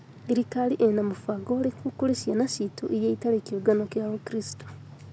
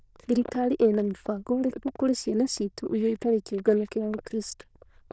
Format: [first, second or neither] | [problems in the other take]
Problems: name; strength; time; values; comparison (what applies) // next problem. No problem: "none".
first | noise reduction (neural diffusion model UNIVERSE++)